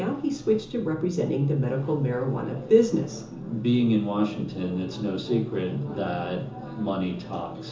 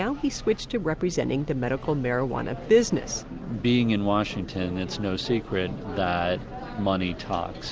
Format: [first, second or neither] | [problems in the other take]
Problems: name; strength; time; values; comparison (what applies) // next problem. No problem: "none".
second | room echo; dies away in 0.7 s